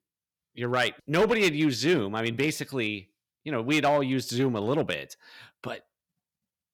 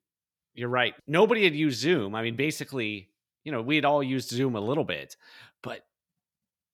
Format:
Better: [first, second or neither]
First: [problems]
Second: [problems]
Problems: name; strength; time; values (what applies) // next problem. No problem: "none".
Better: second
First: distortion; slight; 3% of the sound clipped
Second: none